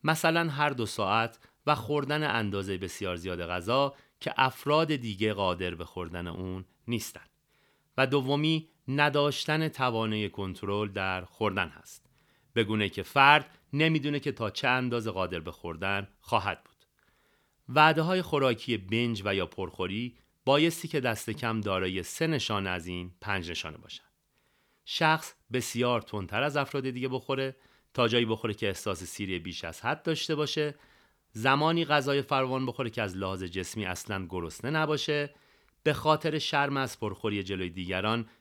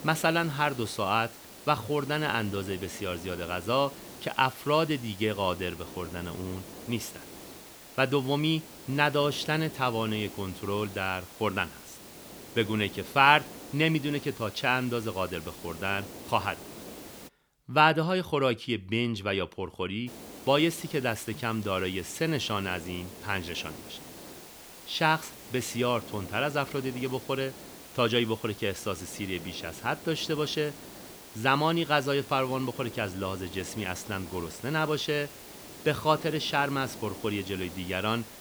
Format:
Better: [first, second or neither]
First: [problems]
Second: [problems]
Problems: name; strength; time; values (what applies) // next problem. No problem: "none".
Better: first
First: none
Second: hiss; noticeable; until 17 s and from 20 s on; 15 dB below the speech